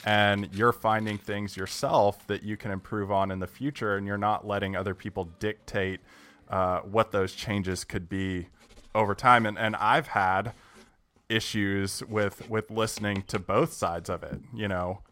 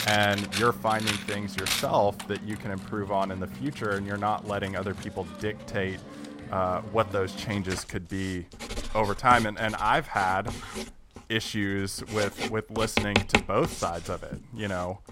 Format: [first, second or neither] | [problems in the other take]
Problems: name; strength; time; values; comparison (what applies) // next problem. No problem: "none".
first | household noises; loud; throughout; 5 dB below the speech; faint in the first